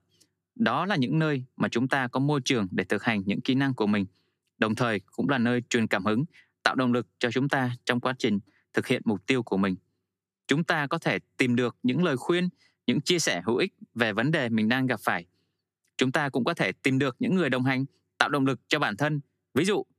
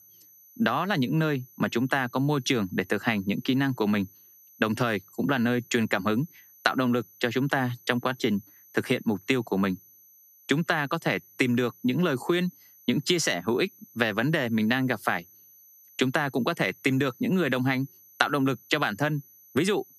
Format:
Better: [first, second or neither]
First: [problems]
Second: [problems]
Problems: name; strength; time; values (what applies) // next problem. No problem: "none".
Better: first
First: none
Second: high-pitched whine; faint; throughout; 12 kHz, 25 dB below the speech